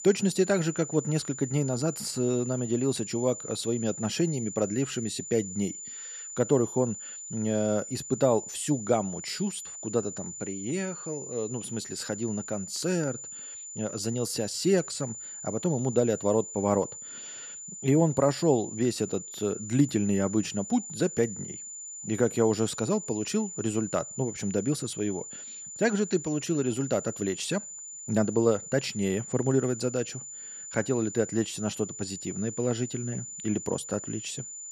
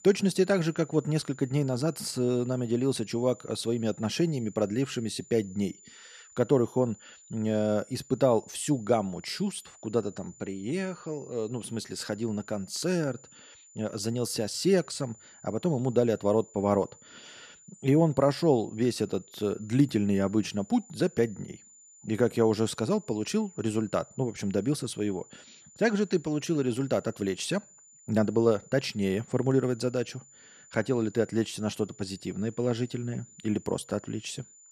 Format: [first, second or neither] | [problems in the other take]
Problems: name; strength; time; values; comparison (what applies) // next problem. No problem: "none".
second | high-pitched whine; loud; throughout; 7 kHz, 9 dB below the speech; faint in the second